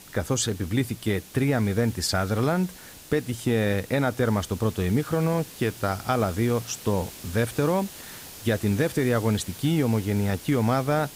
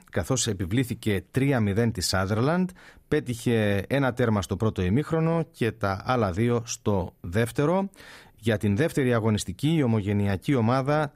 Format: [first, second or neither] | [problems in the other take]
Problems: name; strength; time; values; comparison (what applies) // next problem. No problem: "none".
second | hiss; noticeable; throughout; 15 dB below the speech